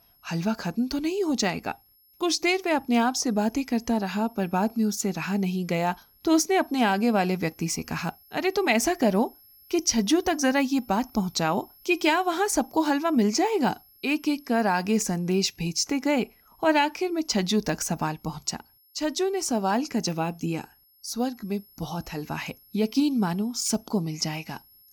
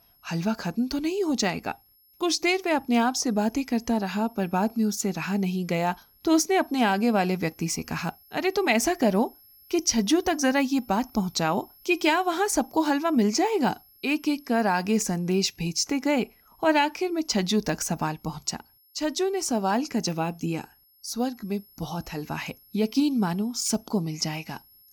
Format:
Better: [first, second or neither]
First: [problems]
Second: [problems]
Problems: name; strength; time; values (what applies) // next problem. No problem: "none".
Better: neither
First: high-pitched whine; faint; throughout; 11.5 kHz, 30 dB below the speech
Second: high-pitched whine; faint; throughout; 11.5 kHz, 30 dB below the speech